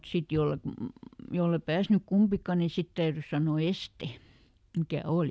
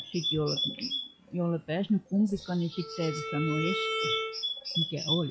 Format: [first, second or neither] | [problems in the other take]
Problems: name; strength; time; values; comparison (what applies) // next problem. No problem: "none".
first | noise reduction (classical method log-MMSE)